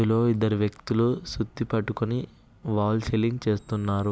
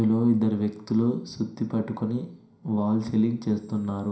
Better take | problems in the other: first | room echo; dies away in 0.5 s

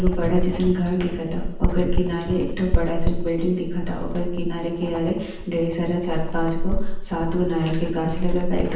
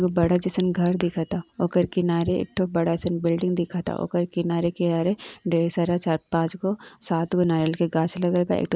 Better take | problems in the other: second | background sound (Writing); 1 dB above the speech // room echo; dies away in 0.9 s

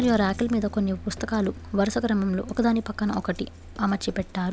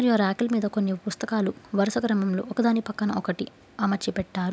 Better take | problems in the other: second | background sound (Coin (dropping) + Bass guitar); 15 dB below the speech

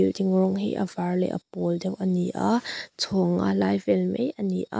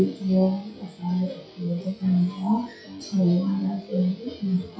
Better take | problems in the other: first | noise reduction (classical method WPE with log-MMSE)

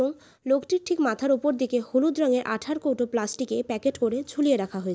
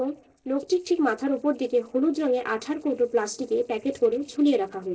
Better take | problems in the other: first | noise reduction (neural separator model SepFormer DNS4)

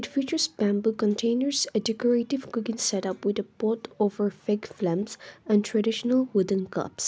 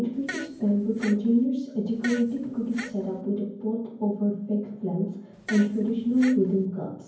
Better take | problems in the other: first | background sound (Fart); 15 dB below the speech // room echo; dies away in 0.9 s

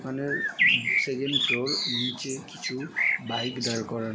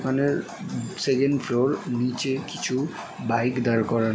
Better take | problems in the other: second | background sound (Bird); 5 dB above the speech

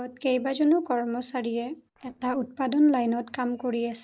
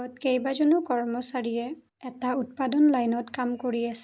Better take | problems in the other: second | noise reduction (neural separator model SepFormer DNS4)

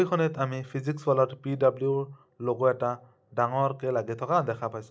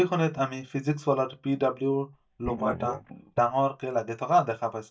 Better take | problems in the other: first | noise reduction (neural mask model DeepFilterNet 3)

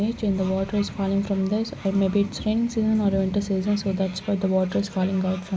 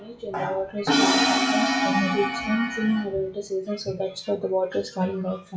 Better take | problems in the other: first | noise reduction (classical method WPE with log-MMSE)

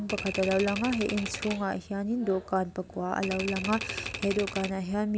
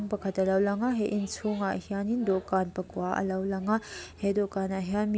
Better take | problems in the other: second | background sound (Typewriter); 7 dB below the speech

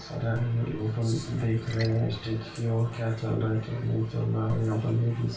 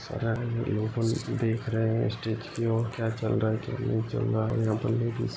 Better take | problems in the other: second | background sound (Splash, splatter); 19 dB below the speech // room echo; dies away in 0.4 s

